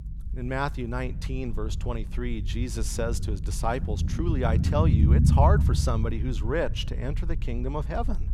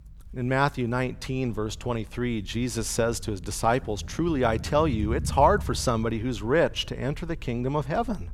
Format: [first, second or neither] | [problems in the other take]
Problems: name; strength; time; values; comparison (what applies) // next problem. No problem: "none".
second | low rumble; loud; throughout; 8 dB below the speech; faint in the second